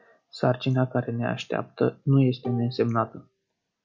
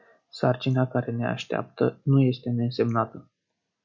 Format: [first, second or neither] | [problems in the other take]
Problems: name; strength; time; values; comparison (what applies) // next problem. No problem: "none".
second | background sound (Bowed string instrument); 16 dB below the speech